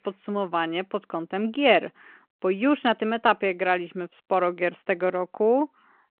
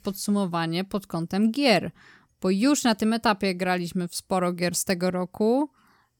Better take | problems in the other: second | phone-call audio

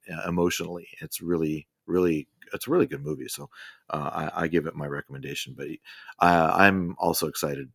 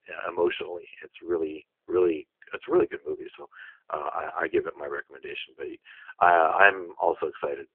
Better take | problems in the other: first | phone-call audio; poor line

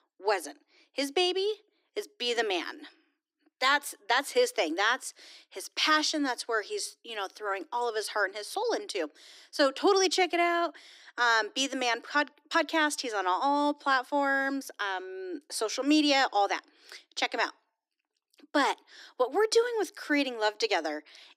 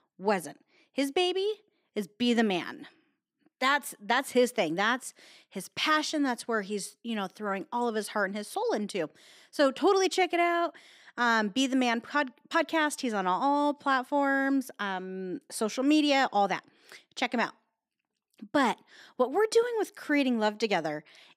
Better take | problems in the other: second | thin; very slightly; fading below 300 Hz

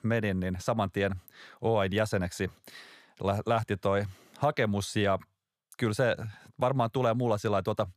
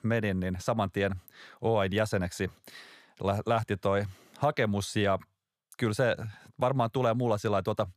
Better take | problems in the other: neither | none

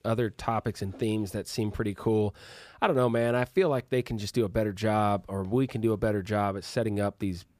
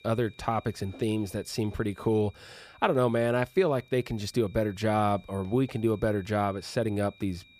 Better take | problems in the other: first | high-pitched whine; faint; throughout; 2.5 kHz, 25 dB below the speech

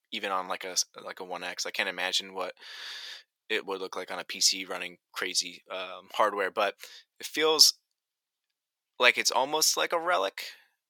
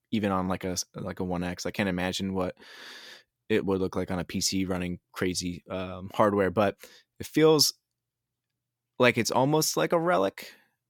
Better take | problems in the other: second | thin; very; fading below 650 Hz

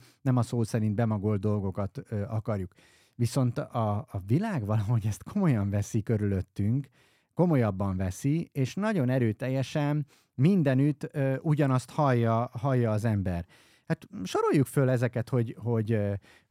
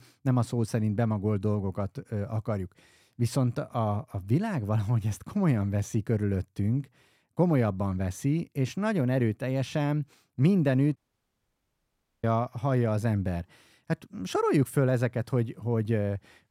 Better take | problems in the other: first | audio cutting out; at 11 s for 1.5 s

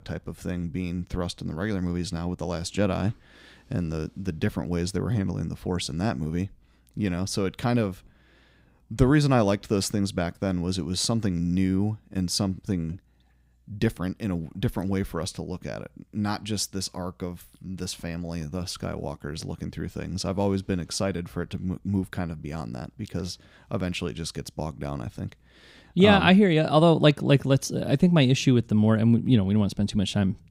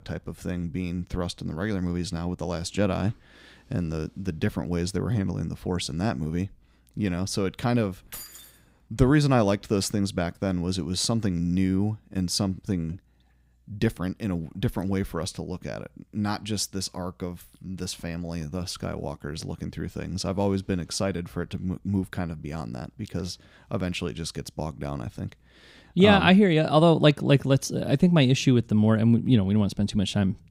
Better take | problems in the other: first | jangling keys; faint; at 8 s; peak 15 dB below the speech

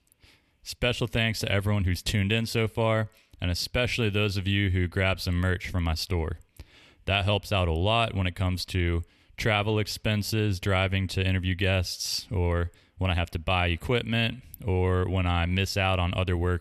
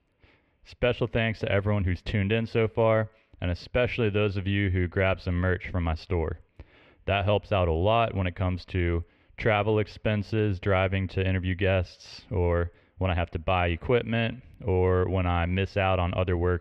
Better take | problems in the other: first | muffled; very; fading above 2 kHz

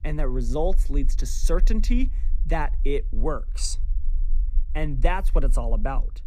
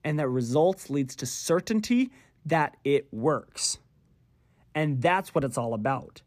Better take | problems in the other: second | low rumble; faint; throughout; 25 dB below the speech

